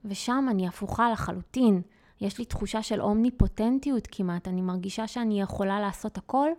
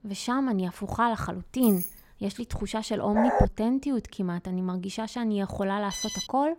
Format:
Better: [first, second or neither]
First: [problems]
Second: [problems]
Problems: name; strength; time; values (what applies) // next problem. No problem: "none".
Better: first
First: none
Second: jangling keys; noticeable; at 1.5 s; peak 4 dB below the speech // dog barking; loud; at 3 s; peak 3 dB above the speech // alarm; noticeable; at 6 s; peak 3 dB below the speech